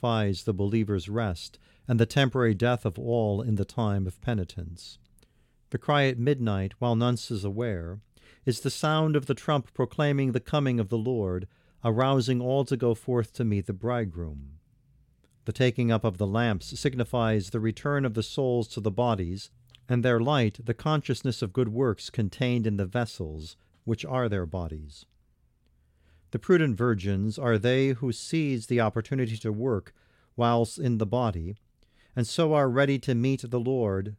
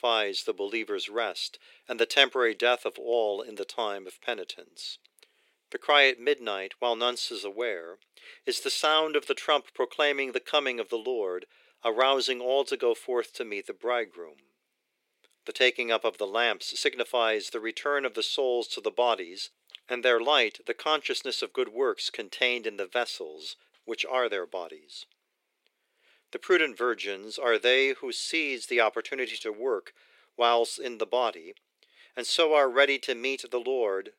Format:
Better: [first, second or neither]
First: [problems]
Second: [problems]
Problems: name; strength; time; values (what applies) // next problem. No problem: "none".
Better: first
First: none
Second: thin; very; fading below 400 Hz